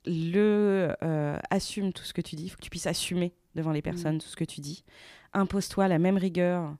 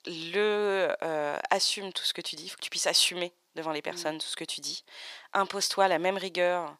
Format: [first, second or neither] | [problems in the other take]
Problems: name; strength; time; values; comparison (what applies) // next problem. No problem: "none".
first | thin; very; fading below 650 Hz